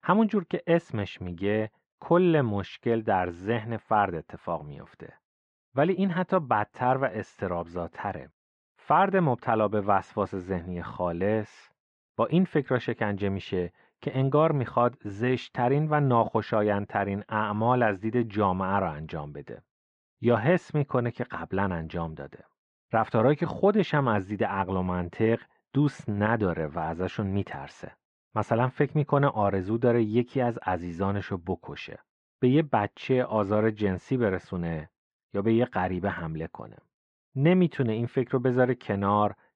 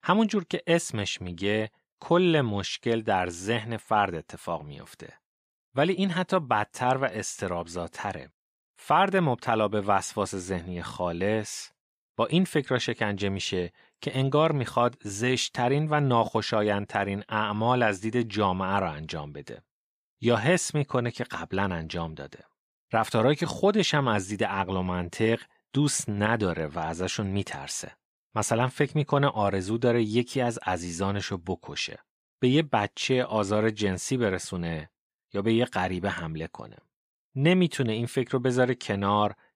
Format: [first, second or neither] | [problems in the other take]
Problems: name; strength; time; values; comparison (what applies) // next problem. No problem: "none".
second | muffled; very; fading above 1.5 kHz